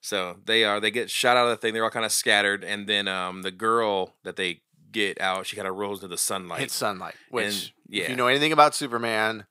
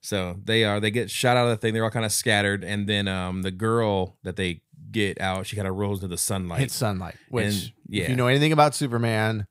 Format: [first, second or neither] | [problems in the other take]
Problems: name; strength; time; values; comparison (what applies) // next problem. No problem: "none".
second | thin; somewhat; fading below 300 Hz